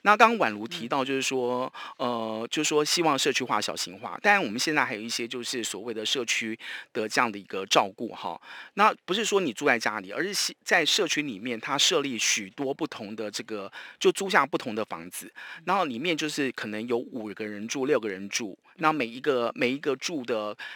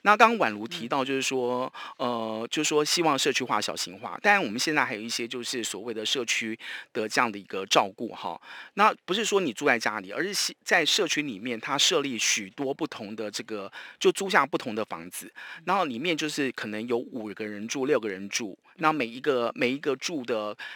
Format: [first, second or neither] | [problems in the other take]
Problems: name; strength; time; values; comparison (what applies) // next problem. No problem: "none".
neither | thin; somewhat; fading below 350 Hz; the same in both